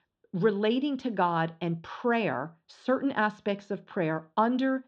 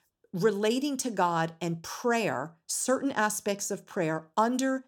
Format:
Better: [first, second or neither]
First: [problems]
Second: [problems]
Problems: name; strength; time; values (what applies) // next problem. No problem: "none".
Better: second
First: muffled; very; fading above 4 kHz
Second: none